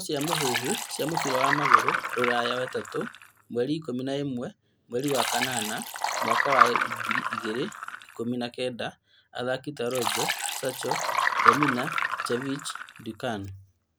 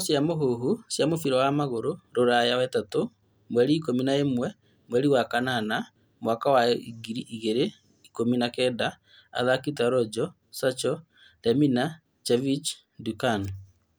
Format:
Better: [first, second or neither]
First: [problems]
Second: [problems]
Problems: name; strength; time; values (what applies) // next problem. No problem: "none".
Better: second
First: background sound (Liquid); 2 dB above the speech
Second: none